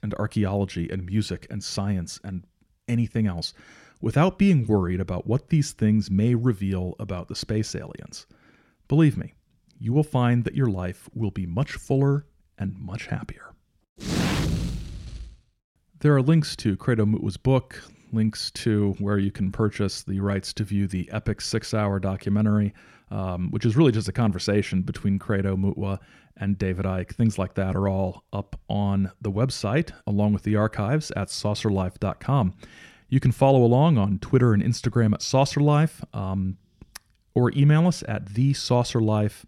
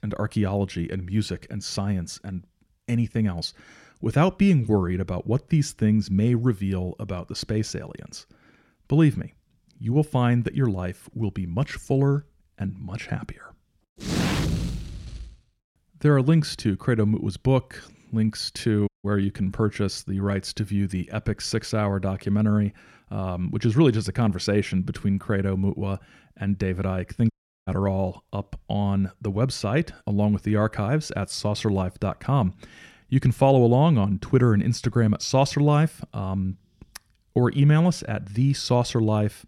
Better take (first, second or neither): first